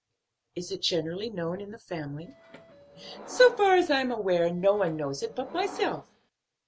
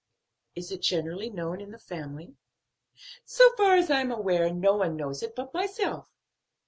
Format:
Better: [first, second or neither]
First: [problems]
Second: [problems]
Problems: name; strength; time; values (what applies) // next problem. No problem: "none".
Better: second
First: background sound (Subway, metro, underground); 18 dB below the speech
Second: none